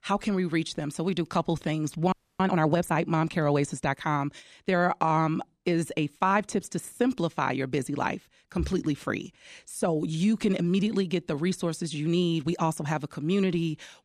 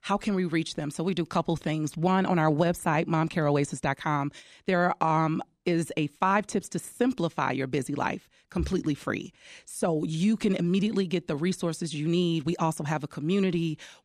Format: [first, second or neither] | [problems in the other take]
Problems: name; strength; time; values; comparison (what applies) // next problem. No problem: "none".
second | audio freezing; at 2 s